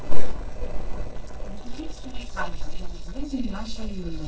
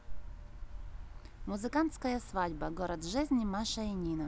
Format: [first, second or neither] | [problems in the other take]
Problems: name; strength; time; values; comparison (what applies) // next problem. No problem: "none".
second | noise reduction (neural separator model SepFormer DNS4)